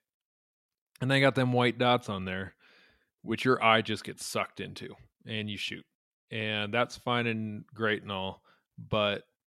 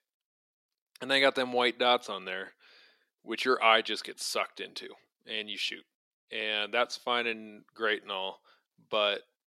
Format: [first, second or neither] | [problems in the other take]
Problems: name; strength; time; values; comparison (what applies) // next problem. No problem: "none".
first | thin; somewhat; fading below 350 Hz